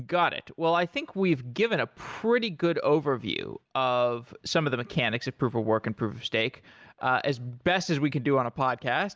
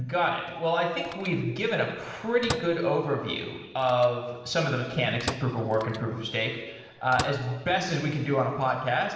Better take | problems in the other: first | background sound (Microwave oven); 13 dB below the speech // room echo; dies away in 1.2 s

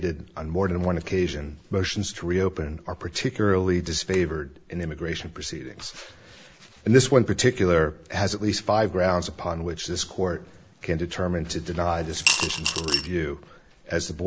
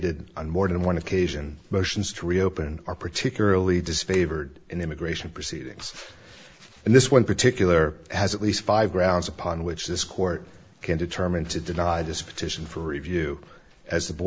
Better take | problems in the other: second | background sound (Coin (dropping) / Glass); as loud as the speech

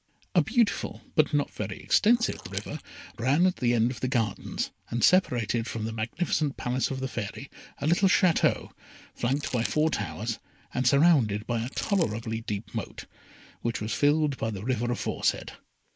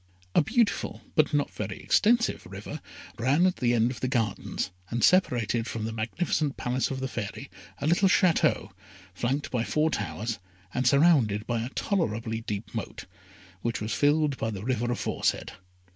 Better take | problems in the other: second | noise reduction (neural mask model Resemble Enhance denoiser)

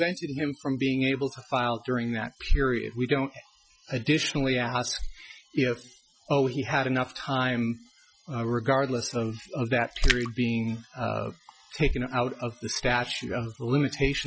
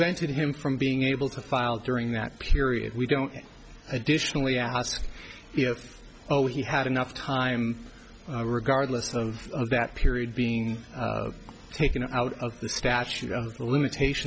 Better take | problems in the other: second | noise reduction (classical method Wiener filter)

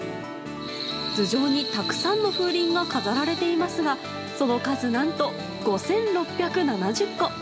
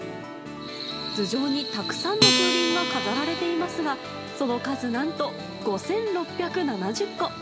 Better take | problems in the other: first | background sound (Acoustic guitar); 3 dB below the speech

